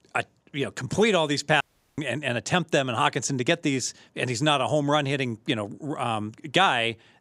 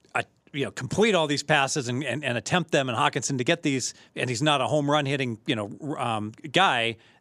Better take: second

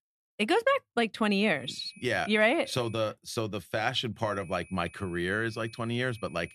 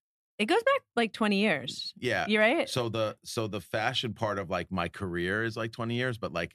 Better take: second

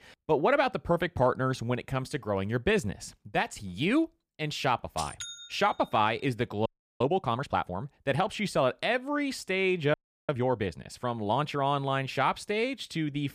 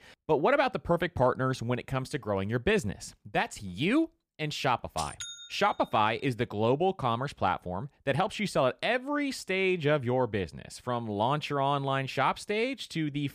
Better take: second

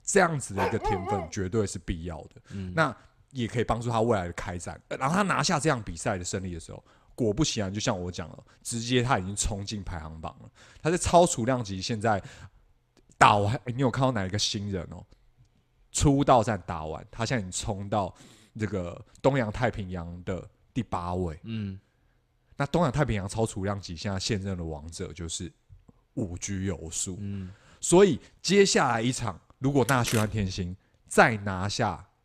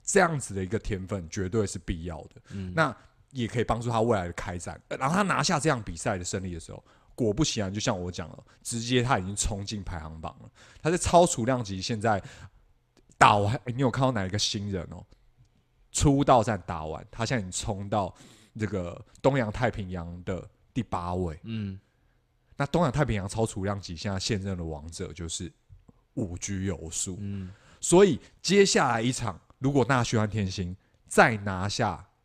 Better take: second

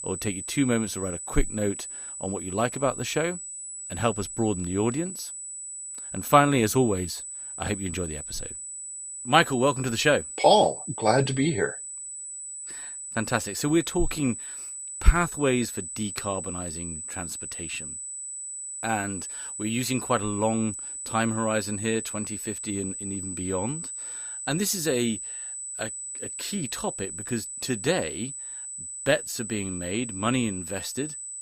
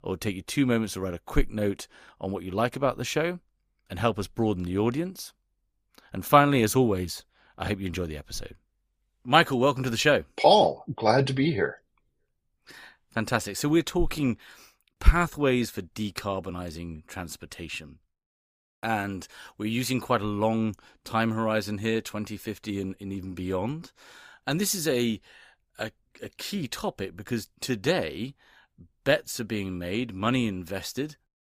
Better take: second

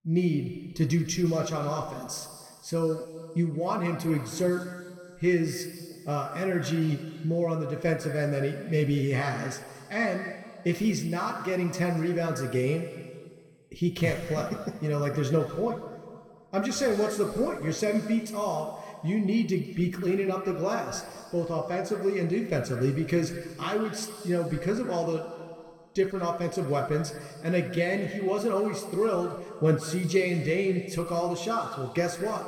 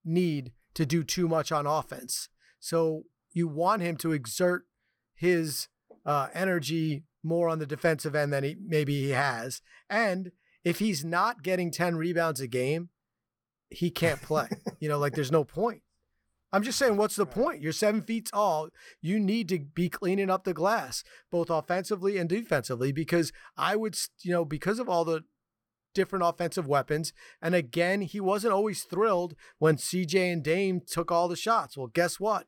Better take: second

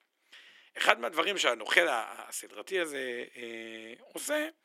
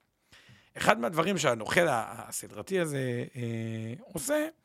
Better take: second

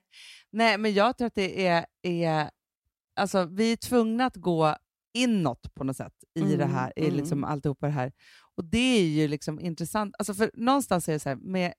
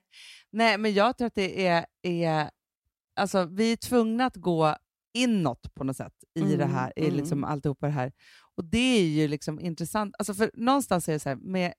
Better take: neither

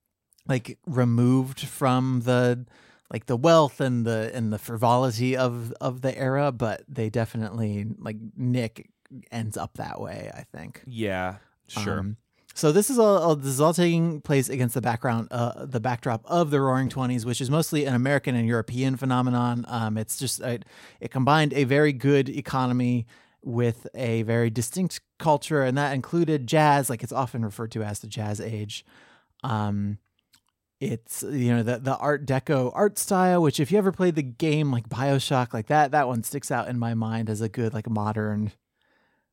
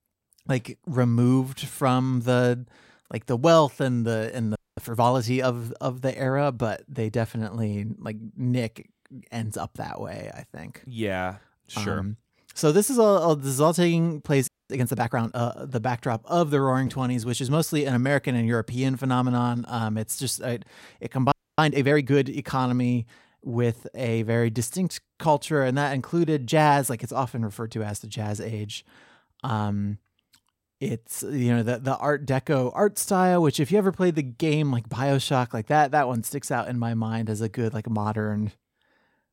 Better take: first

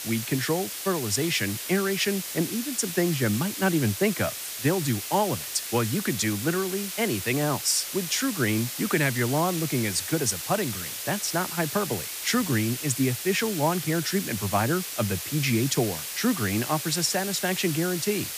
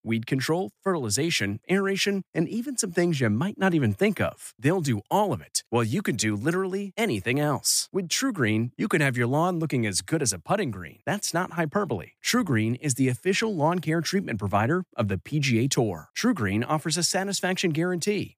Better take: second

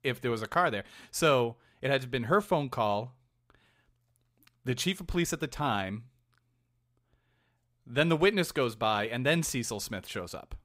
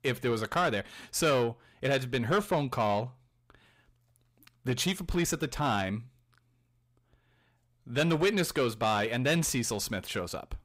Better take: first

